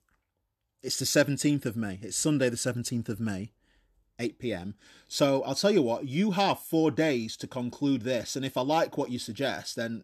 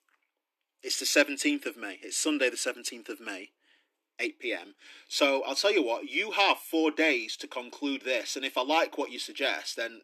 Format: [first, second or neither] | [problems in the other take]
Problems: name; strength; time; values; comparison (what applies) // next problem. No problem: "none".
first | thin; very slightly; fading below 300 Hz